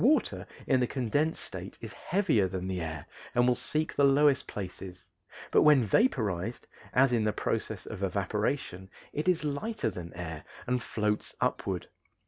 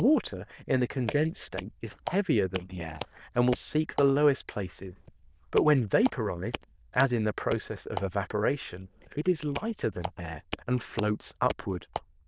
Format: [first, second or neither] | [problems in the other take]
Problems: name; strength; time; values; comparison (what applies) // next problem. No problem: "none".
first | noise reduction (neural diffusion model UNIVERSE++)